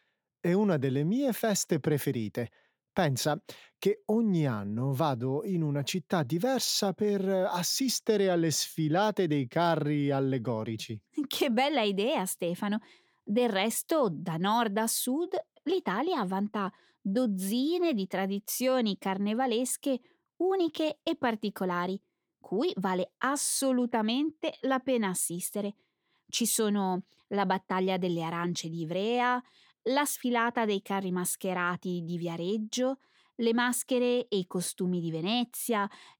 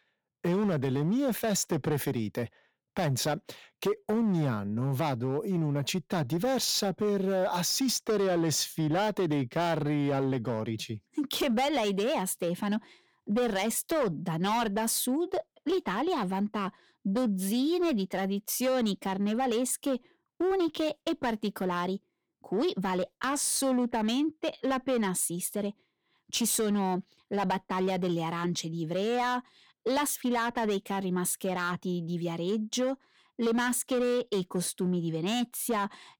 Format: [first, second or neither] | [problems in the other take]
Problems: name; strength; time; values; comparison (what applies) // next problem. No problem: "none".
first | distortion; slight; 9% of the sound clipped